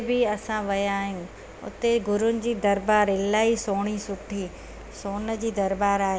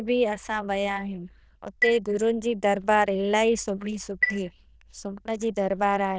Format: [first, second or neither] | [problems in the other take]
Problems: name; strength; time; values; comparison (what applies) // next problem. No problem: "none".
first | noise reduction (neural diffusion model UNIVERSE++)